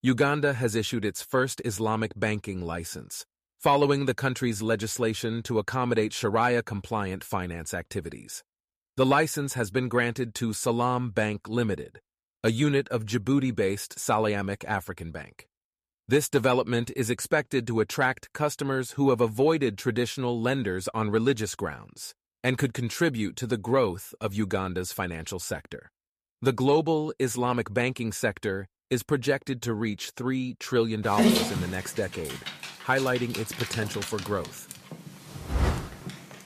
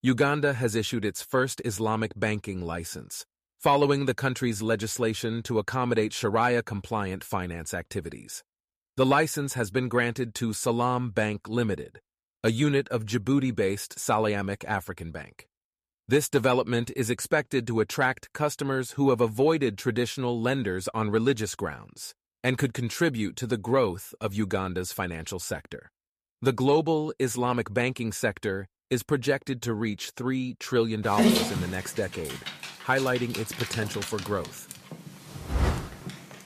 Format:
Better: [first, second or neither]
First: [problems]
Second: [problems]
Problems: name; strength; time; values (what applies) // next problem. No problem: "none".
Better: neither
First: dog barking; loud; from 31 s on; peak 5 dB above the speech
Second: dog barking; loud; from 31 s on; peak 5 dB above the speech